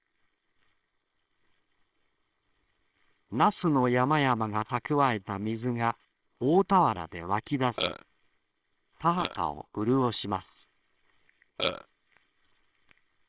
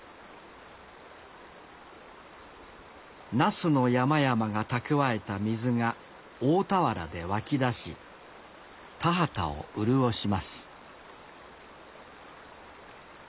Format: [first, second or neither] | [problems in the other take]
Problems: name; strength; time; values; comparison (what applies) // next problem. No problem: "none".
second | noise reduction (neural separator model SepFormer WHAMR!)